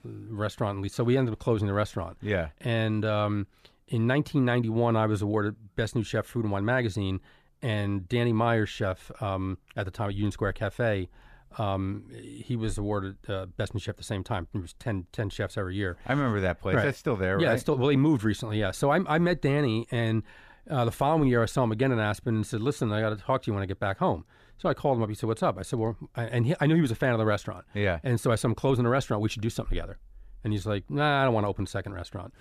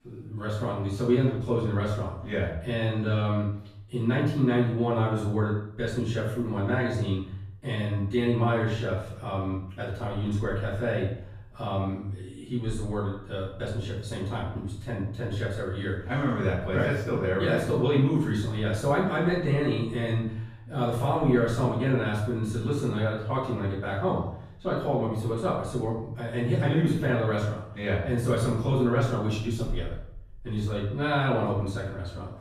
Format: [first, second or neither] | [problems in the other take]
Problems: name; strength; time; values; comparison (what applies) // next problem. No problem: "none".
first | off-mic speech; far // room echo; noticeable; dies away in 0.6 s